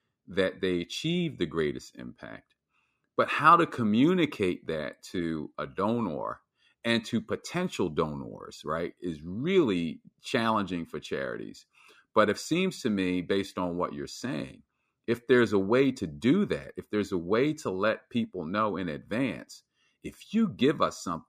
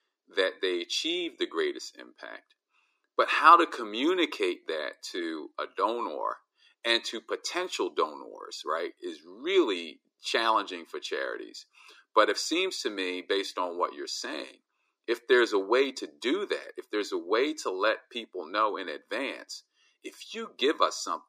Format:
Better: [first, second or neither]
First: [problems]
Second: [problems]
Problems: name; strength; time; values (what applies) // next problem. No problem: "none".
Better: first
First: none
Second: thin; very; fading below 350 Hz